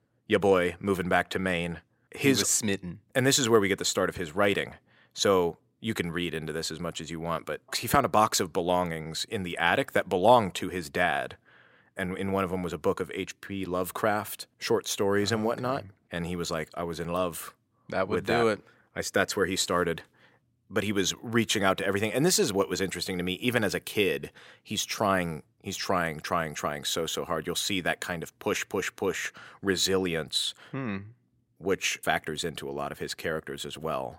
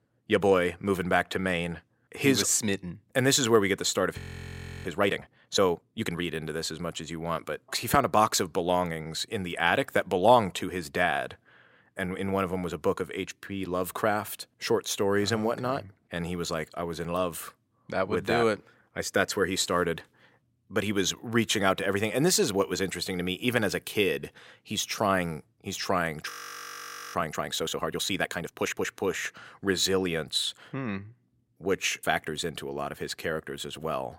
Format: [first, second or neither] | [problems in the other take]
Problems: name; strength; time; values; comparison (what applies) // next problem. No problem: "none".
first | audio freezing; at 4 s for 0.5 s and at 26 s for 1 s